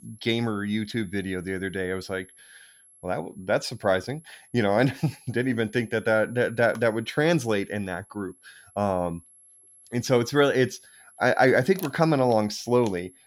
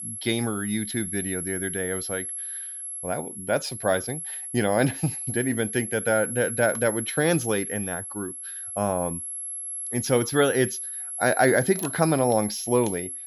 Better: first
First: high-pitched whine; faint; throughout; 11 kHz, 25 dB below the speech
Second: high-pitched whine; loud; throughout; 11 kHz, 6 dB below the speech

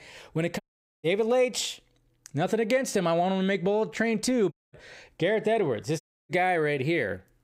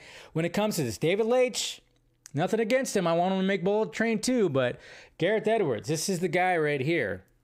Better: second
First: audio cutting out; at 0.5 s, at 4.5 s and at 6 s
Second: none

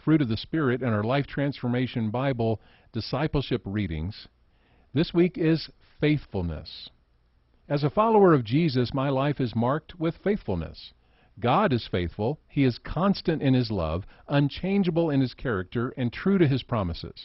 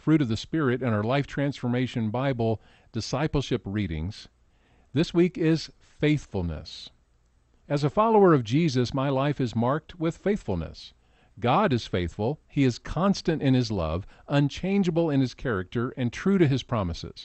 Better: second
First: garbled, watery; badly; nothing above 5.5 kHz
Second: garbled, watery; slightly; nothing above 8 kHz

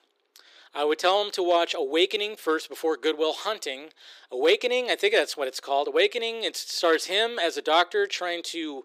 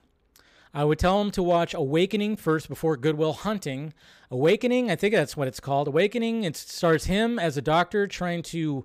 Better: second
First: thin; very; fading below 350 Hz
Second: none

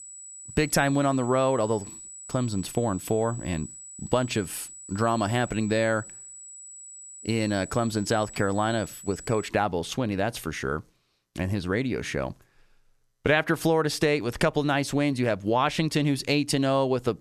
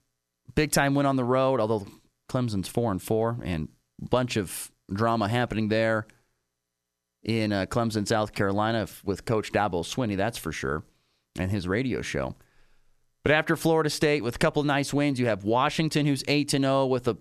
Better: second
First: high-pitched whine; noticeable; until 9.5 s; 8 kHz, 15 dB below the speech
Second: none

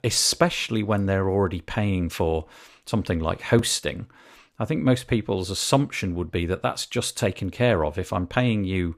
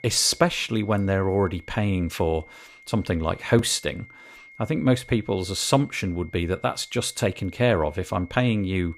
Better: first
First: none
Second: high-pitched whine; faint; throughout; 2 kHz, 25 dB below the speech

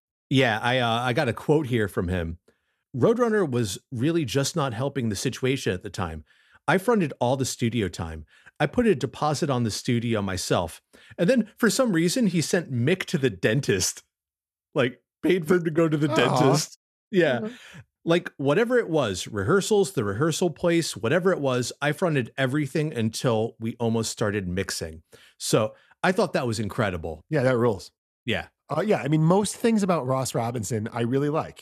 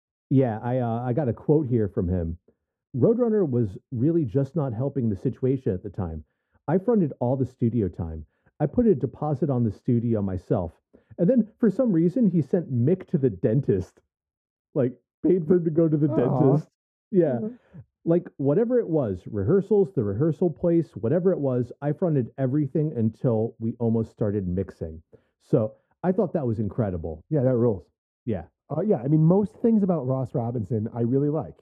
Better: first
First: none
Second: muffled; very; fading above 1.5 kHz

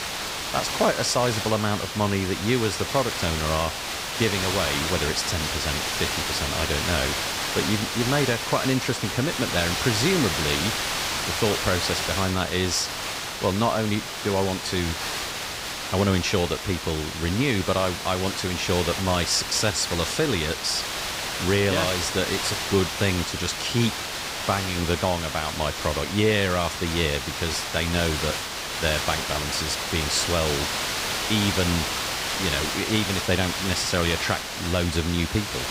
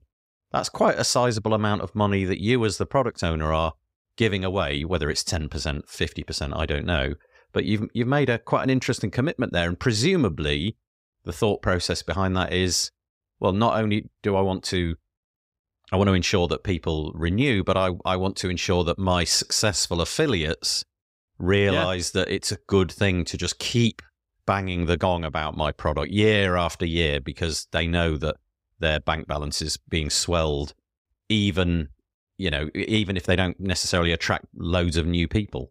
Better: second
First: hiss; loud; throughout; 2 dB below the speech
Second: none

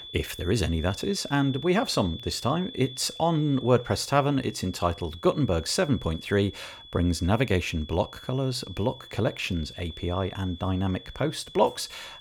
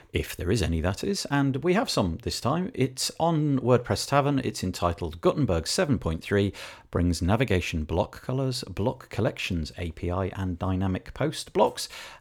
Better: second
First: high-pitched whine; noticeable; throughout; 3.5 kHz, 15 dB below the speech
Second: none

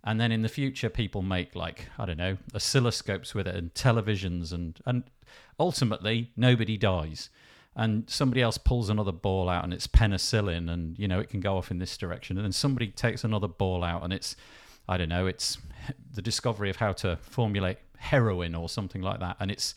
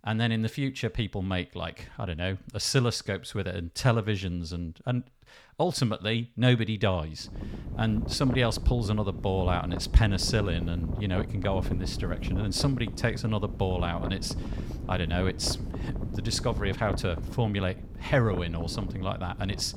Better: first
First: none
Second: wind noise on the microphone; occasional gusts; from 7.5 s on; 10 dB below the speech

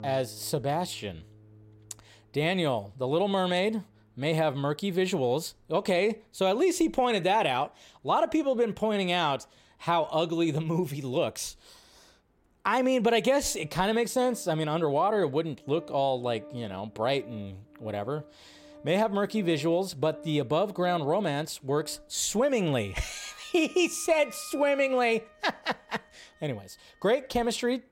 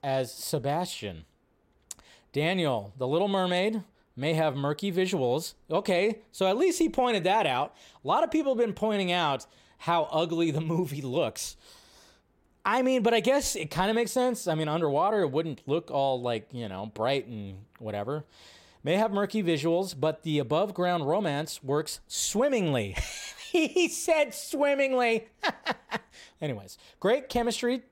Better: second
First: background music; faint; throughout; 25 dB below the speech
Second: none

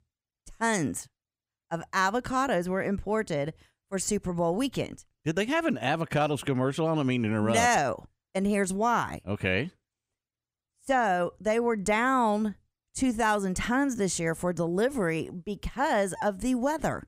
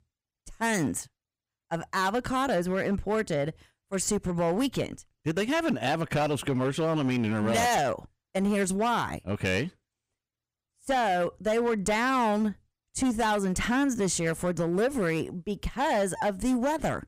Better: first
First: none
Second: distortion; slight; 10% of the sound clipped

